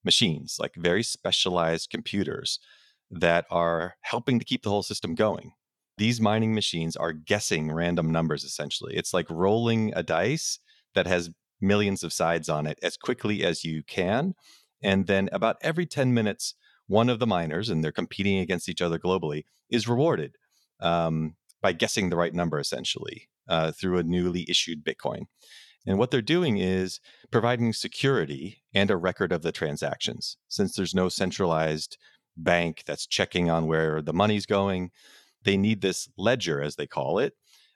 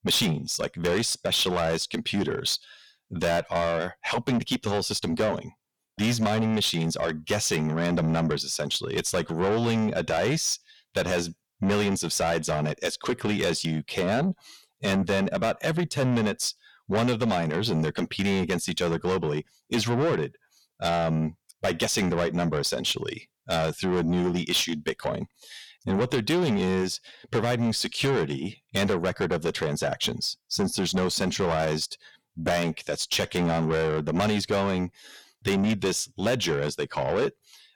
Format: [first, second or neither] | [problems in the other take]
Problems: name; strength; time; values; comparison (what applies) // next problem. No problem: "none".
first | distortion; heavy; 7 dB below the speech